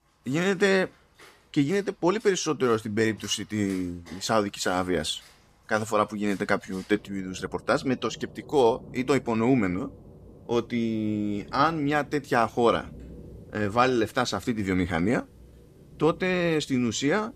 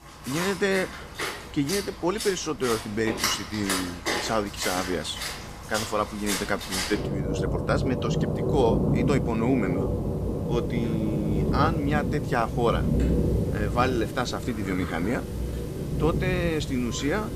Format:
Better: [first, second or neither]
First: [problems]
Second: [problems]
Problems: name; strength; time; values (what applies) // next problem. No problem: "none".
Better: first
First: rain or running water; faint; throughout; 25 dB below the speech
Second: rain or running water; loud; throughout; 1 dB below the speech